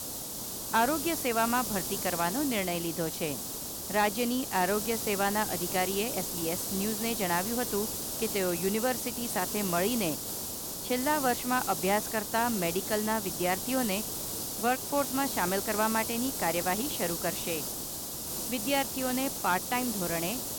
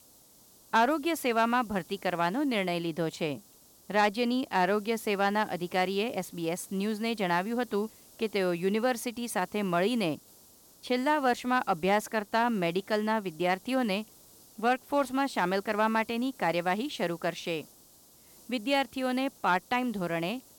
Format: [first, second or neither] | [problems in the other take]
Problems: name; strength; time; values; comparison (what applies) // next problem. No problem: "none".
second | hiss; loud; throughout; 2 dB below the speech; faint in the second